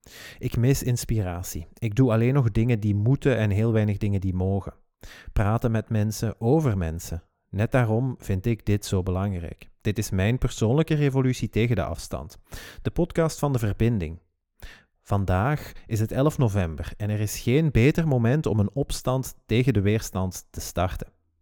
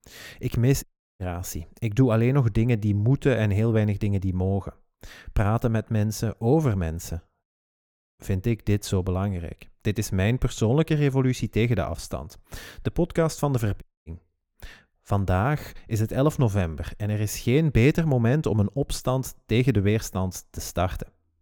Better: first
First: none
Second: audio cutting out; at 1 s, at 7.5 s for 0.5 s and at 14 s

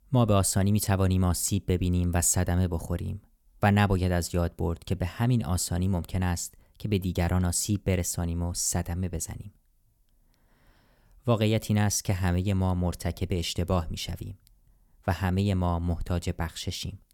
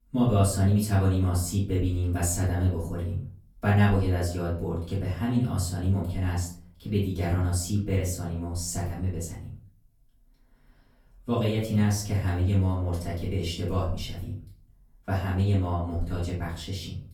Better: first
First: none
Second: off-mic speech; far // room echo; slight; dies away in 0.4 s

